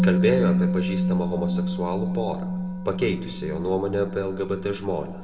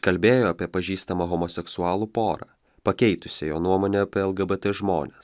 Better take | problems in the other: second | background sound (Musical instrument); 1 dB above the speech // room echo; dies away in 1.3 s

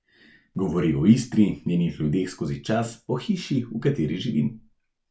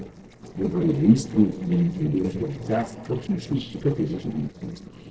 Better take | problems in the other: first | noise reduction (neural separator model SepFormer DNS4)

